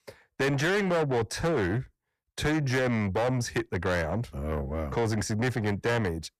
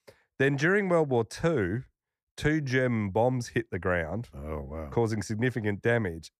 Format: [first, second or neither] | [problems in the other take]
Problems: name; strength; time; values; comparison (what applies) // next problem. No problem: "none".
second | distortion; heavy; 7 dB below the speech